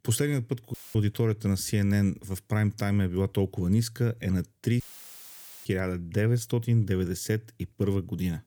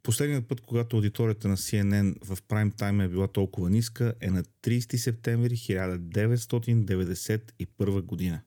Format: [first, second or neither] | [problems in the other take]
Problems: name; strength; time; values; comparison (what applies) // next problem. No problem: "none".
second | audio cutting out; filled with static; at 0.5 s and at 5 s for 1 s